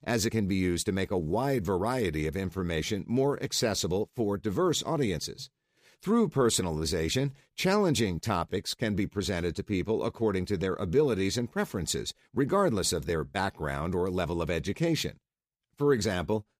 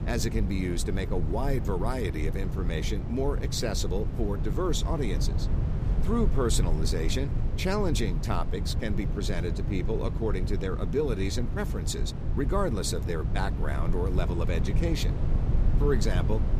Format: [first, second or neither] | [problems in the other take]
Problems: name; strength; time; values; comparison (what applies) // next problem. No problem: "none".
first | low rumble; loud; throughout; 9 dB below the speech